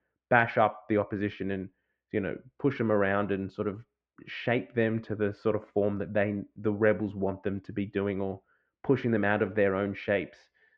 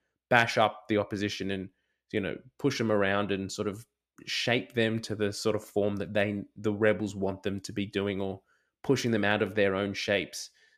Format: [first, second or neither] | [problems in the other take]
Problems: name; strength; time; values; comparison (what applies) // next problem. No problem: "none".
second | muffled; very; fading above 2 kHz